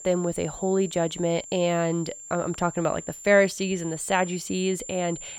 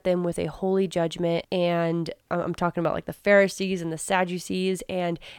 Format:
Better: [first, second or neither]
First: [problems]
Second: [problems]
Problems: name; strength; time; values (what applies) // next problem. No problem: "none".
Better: second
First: high-pitched whine; noticeable; throughout; 7 kHz, 15 dB below the speech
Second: none